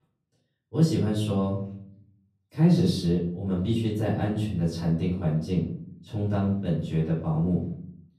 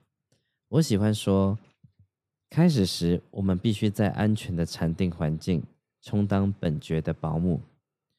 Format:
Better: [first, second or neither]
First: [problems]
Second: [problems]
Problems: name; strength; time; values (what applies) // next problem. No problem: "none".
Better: second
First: off-mic speech; far // room echo; noticeable; dies away in 0.6 s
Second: none